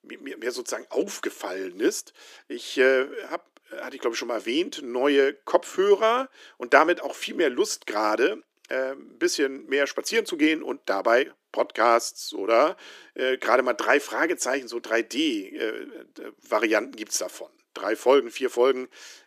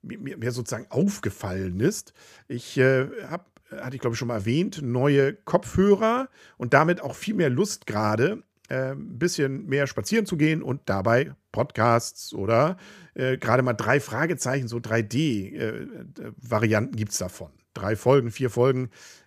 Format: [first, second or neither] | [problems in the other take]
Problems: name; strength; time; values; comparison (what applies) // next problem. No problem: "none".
second | thin; somewhat; fading below 300 Hz